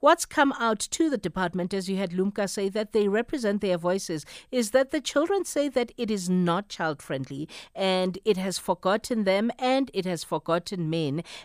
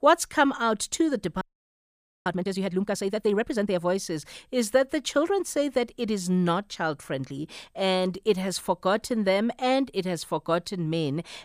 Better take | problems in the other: first | audio freezing; at 1.5 s for 1 s

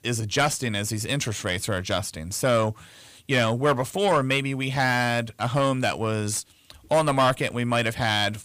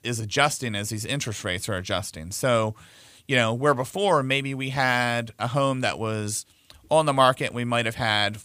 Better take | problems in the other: second | distortion; slight; 10 dB below the speech

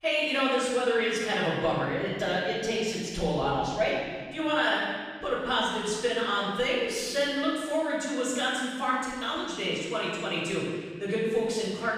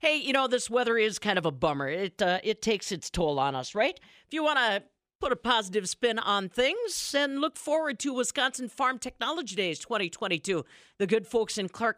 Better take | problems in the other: second | off-mic speech; far // room echo; strong; dies away in 1.7 s

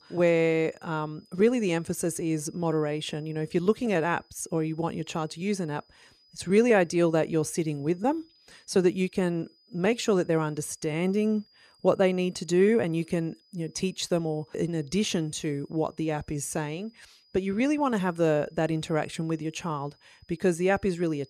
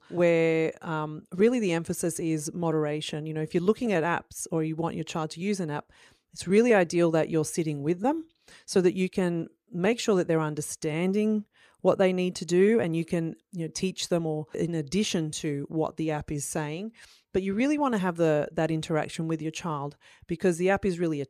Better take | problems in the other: second | high-pitched whine; faint; throughout; 5 kHz, 35 dB below the speech

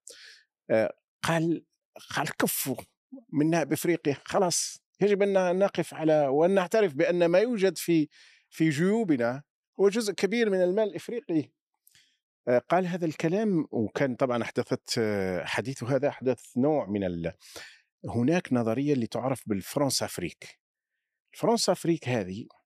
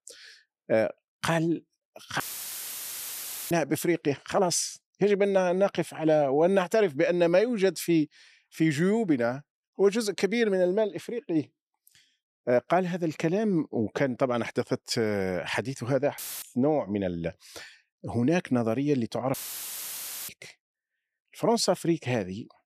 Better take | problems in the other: first | audio cutting out; filled with static; at 2 s for 1.5 s, at 16 s and at 19 s for 1 s

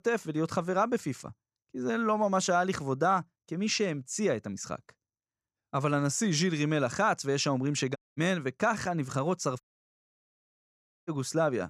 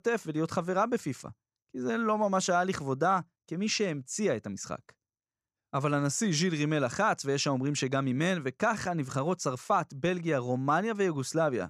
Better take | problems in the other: second | audio cutting out; at 8 s and at 9.5 s for 1.5 s

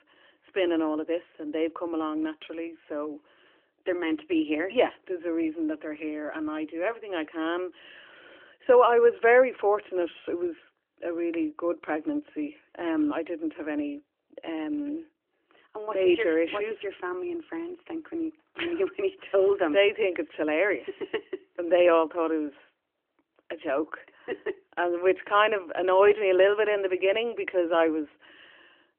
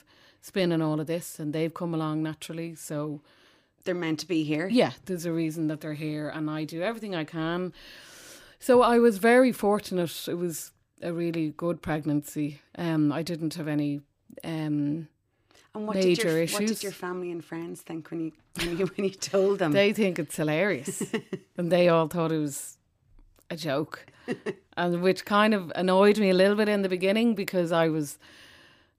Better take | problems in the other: second | phone-call audio; nothing above 3 kHz

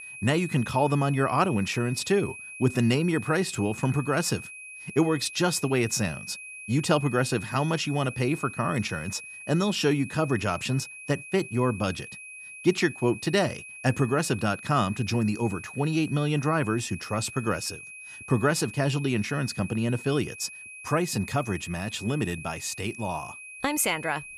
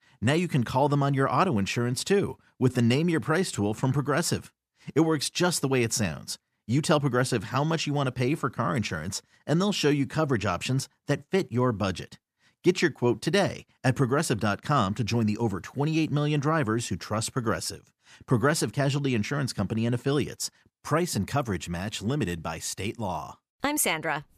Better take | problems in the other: second | high-pitched whine; noticeable; throughout; 2.5 kHz, 15 dB below the speech

